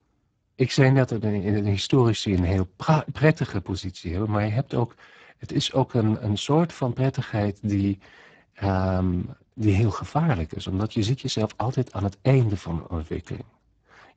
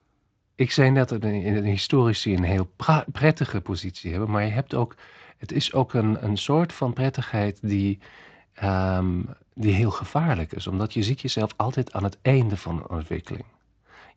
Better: second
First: garbled, watery; badly; nothing above 7.5 kHz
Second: garbled, watery; slightly; nothing above 7.5 kHz

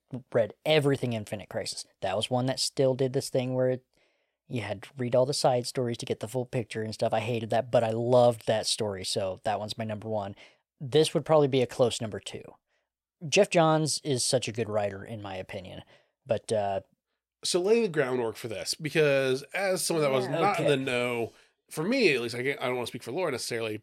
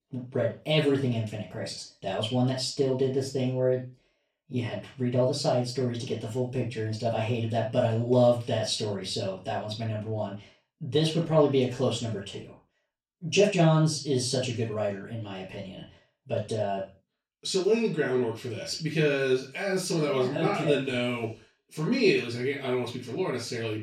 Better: first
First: none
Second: room echo; noticeable; dies away in 0.3 s // off-mic speech; far

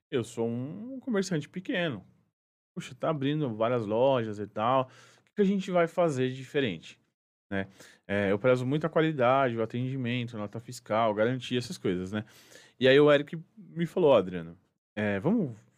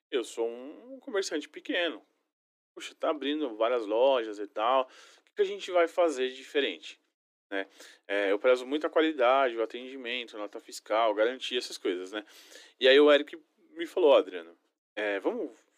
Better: first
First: none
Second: thin; somewhat; fading below 300 Hz

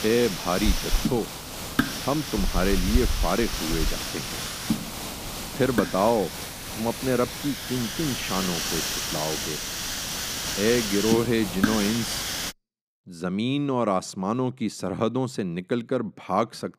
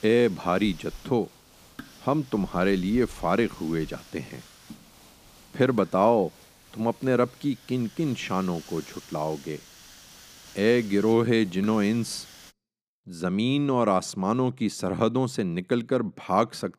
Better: second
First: hiss; loud; until 13 s; 2 dB below the speech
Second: hiss; faint; until 13 s; 20 dB below the speech

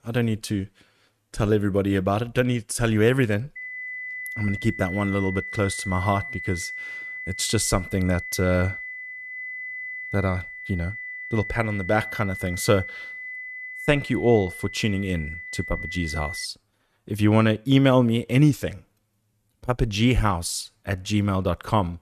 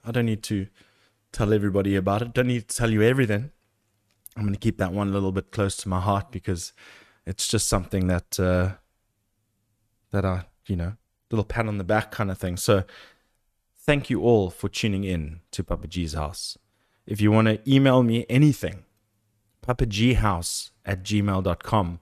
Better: second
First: high-pitched whine; loud; from 3.5 to 16 s; 2 kHz, 9 dB below the speech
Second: none

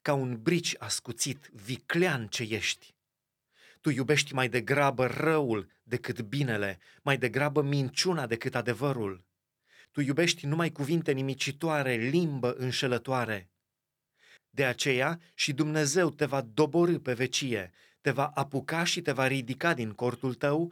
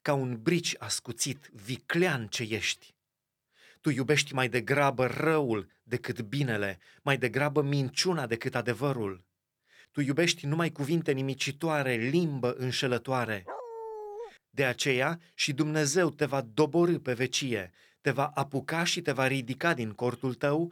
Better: first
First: none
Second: dog barking; faint; at 13 s; peak 10 dB below the speech

